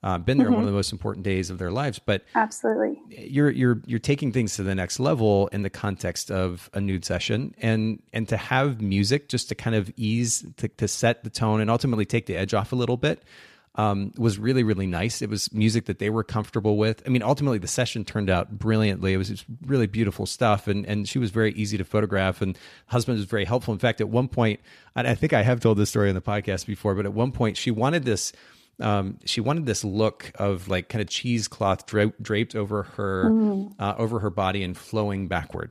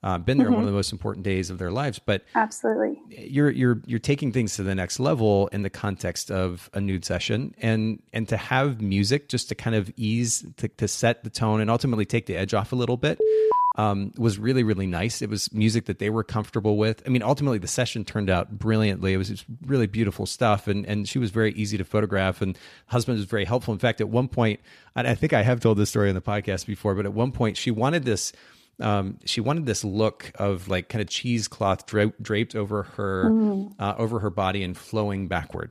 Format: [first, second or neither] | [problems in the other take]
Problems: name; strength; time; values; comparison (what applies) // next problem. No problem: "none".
first | alarm; loud; at 13 s; peak 5 dB above the speech